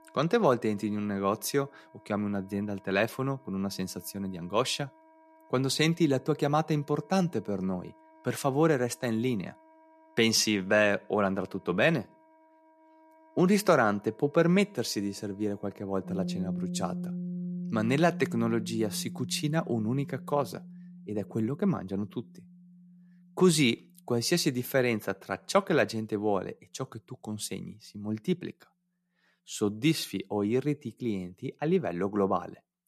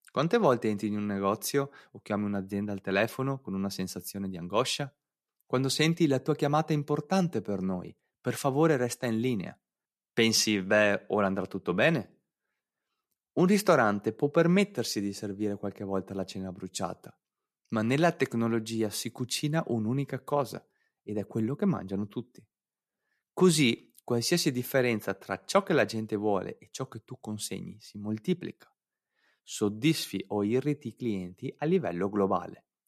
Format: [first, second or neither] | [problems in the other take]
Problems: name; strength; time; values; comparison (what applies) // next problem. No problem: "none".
second | background music; noticeable; throughout; 10 dB below the speech